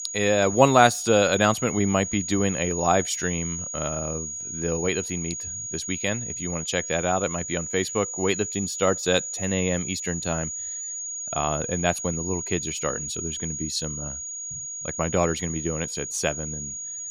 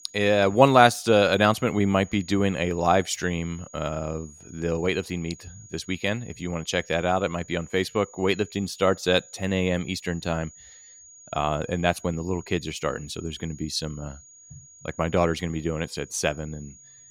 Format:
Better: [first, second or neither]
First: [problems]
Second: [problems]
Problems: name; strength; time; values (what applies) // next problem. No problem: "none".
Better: second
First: high-pitched whine; loud; throughout; 6.5 kHz, 5 dB below the speech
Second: high-pitched whine; faint; throughout; 6.5 kHz, 20 dB below the speech